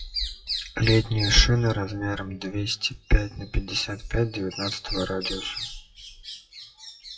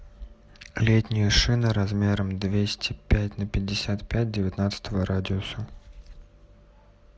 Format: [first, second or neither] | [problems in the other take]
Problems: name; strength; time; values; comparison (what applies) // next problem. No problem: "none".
second | noise reduction (classical method WPE with log-MMSE)